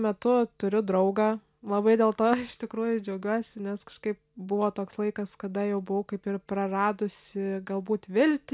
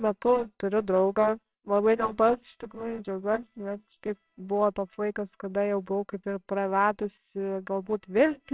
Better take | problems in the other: first | noise reduction (neural separator model SepFormer WHAMR!)

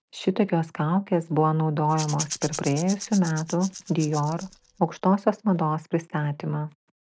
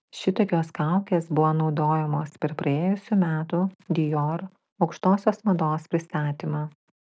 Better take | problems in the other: second | background sound (Rattle / Rattle (instrument)); 13 dB below the speech

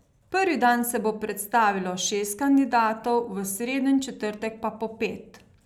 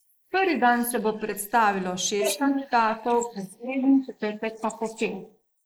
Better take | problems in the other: first | noise reduction (neural mask model Resemble Enhance denoiser)

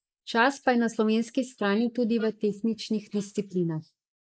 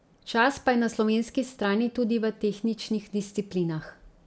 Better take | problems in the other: second | noise reduction (neural mask model Resemble Enhance denoiser)

